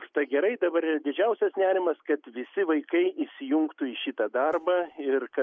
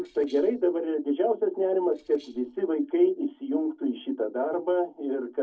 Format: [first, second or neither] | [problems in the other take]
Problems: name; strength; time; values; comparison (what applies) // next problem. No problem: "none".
first | noise reduction (neural separator model SepFormer DNS4)